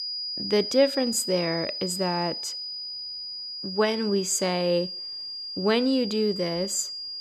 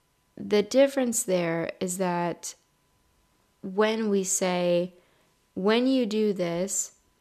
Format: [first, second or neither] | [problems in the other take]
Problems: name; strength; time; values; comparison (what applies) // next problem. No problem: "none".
second | high-pitched whine; loud; throughout; 5 kHz, 6 dB below the speech